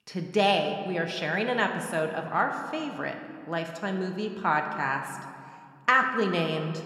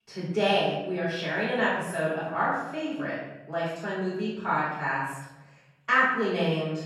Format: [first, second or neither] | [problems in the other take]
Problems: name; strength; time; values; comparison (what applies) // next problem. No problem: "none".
first | room echo; strong; dies away in 0.9 s; slight in the first // off-mic speech; far